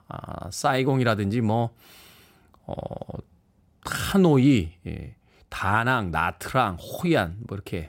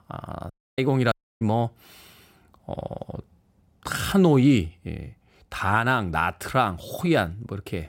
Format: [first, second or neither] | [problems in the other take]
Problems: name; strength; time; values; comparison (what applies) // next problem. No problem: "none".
first | audio cutting out; at 0.5 s and at 1 s